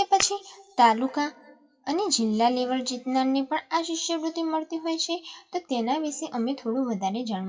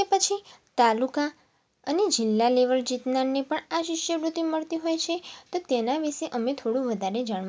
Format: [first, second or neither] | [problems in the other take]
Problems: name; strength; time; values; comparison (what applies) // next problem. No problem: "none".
second | noise reduction (classical method WPE with log-MMSE)